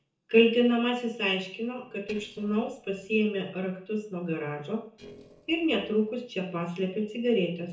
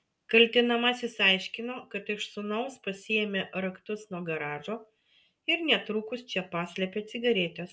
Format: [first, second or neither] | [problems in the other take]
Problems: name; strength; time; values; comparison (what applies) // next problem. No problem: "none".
second | noise reduction (neural separator model SepFormer DNS4)